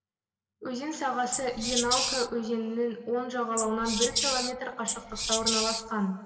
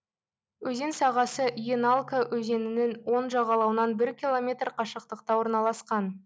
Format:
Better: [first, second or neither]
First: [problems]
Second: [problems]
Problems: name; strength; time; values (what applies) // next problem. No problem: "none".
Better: second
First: background sound (Wild animals); as loud as the speech // room echo; dies away in 1.9 s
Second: none